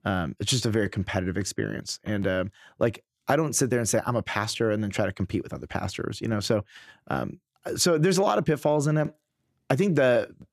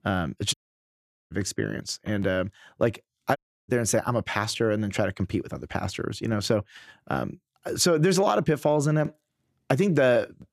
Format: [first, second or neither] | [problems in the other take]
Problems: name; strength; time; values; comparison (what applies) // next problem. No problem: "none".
first | audio cutting out; at 0.5 s for 1 s and at 3.5 s